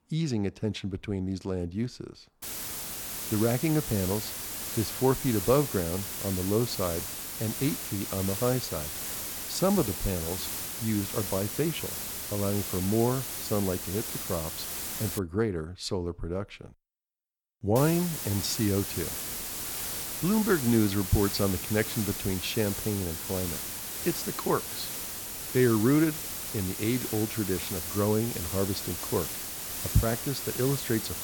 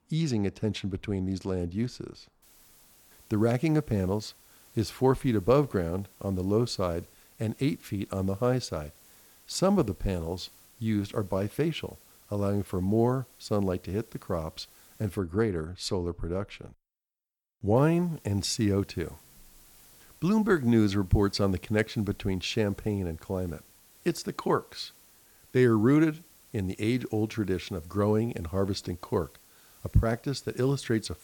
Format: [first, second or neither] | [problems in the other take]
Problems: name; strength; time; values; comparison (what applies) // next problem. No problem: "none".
second | hiss; loud; from 2.5 to 15 s and from 18 s on; 3 dB below the speech; faint in the second